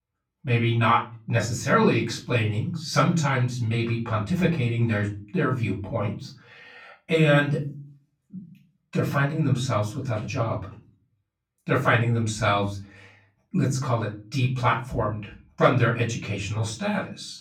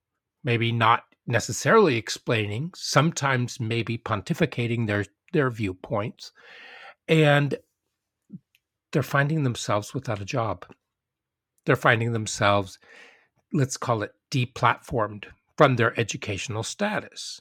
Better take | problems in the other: second | off-mic speech; far // room echo; slight; dies away in 0.5 s

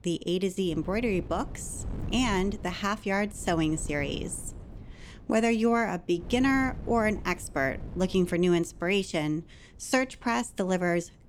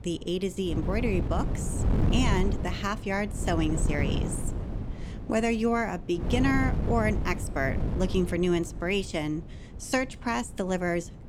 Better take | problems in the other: first | wind noise on the microphone; heavy; 9 dB below the speech; occasional gusts in the first

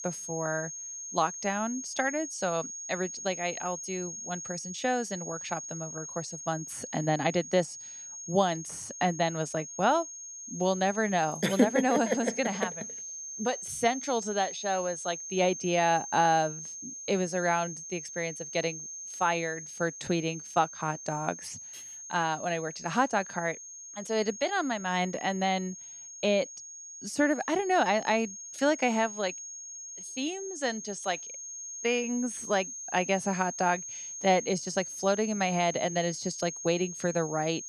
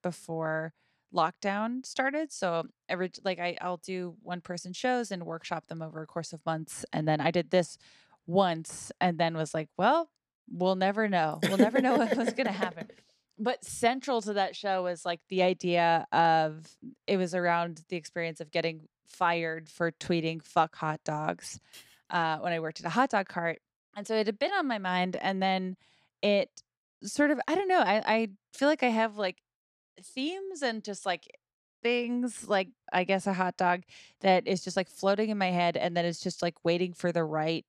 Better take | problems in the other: second | high-pitched whine; loud; throughout; 6.5 kHz, 9 dB below the speech

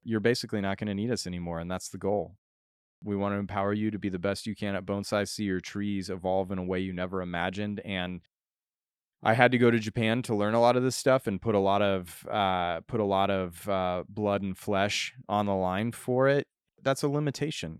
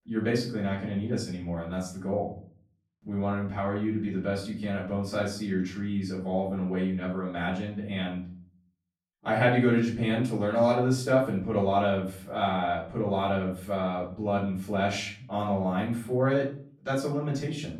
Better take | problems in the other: first | off-mic speech; far // room echo; noticeable; dies away in 0.5 s

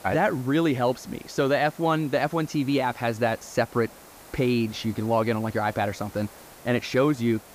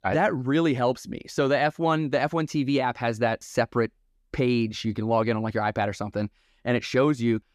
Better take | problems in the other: second | hiss; faint; throughout; 20 dB below the speech

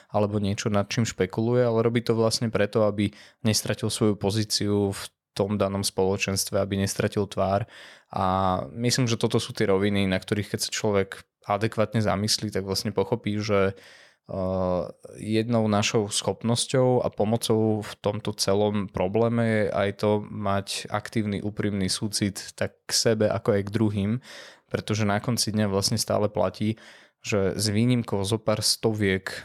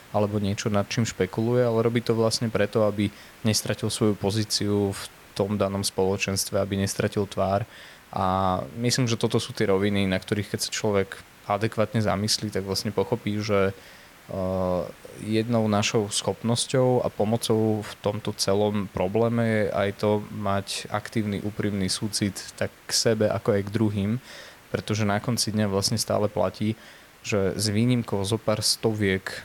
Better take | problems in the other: first | hiss; faint; throughout; 25 dB below the speech

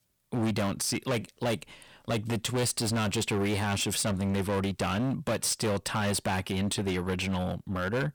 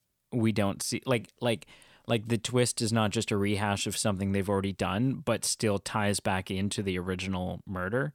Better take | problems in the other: second | distortion; heavy; 19% of the sound clipped

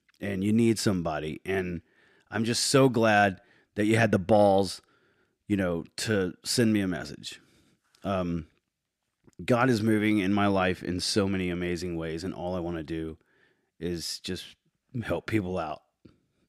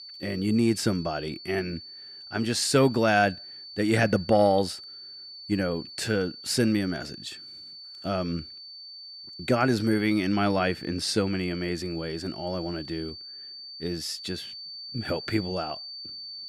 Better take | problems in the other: first | high-pitched whine; noticeable; throughout; 4.5 kHz, 15 dB below the speech

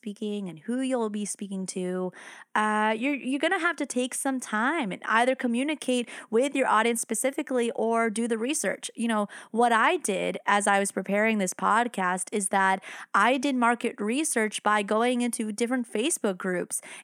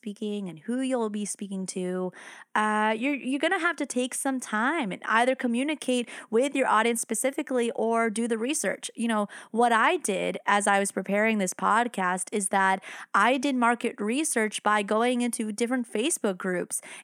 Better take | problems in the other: neither | none

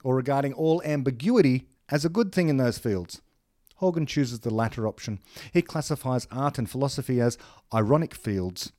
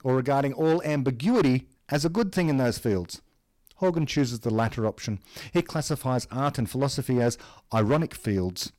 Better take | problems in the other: first | distortion; slight; 7% of the sound clipped

